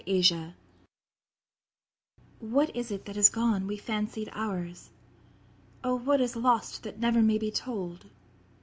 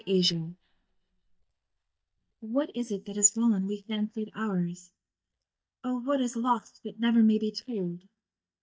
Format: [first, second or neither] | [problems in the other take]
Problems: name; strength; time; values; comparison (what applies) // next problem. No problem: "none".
first | noise reduction (neural mask model DeepFilterNet 3)